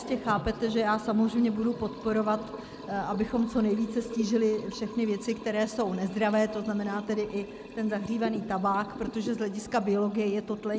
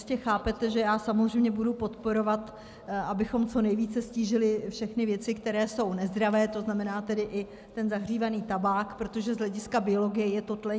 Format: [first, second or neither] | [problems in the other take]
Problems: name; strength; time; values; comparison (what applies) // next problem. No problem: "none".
second | background sound (Liquid); 13 dB below the speech